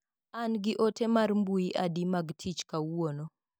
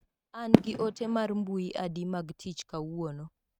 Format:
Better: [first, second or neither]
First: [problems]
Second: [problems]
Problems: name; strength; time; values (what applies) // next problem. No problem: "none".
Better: first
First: none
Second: noise reduction (neural mask model RNNoise)